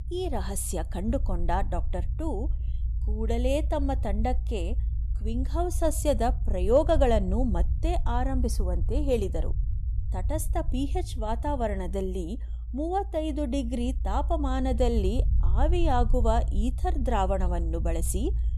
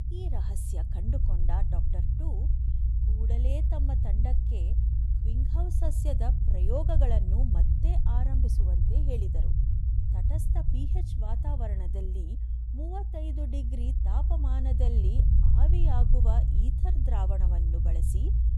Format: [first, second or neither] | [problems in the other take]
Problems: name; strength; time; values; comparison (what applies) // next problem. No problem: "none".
first | low rumble; loud; throughout; 3 dB below the speech; faint in the first